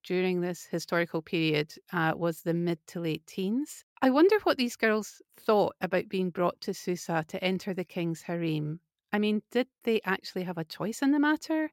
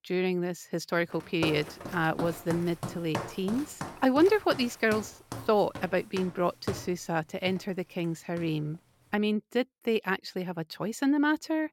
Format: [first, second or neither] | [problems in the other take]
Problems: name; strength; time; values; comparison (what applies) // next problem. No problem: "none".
first | footsteps; noticeable; from 1 to 8.5 s; peak 6 dB below the speech